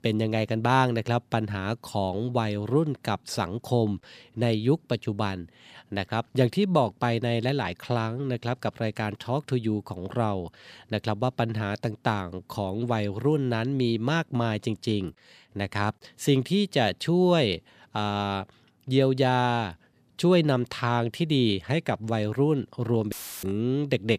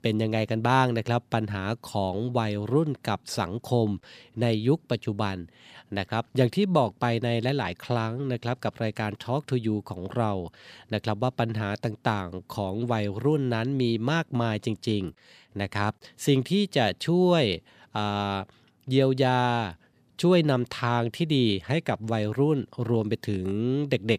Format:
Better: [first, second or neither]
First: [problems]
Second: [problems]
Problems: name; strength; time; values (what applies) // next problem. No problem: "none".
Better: second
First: audio cutting out; filled with static; at 23 s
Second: none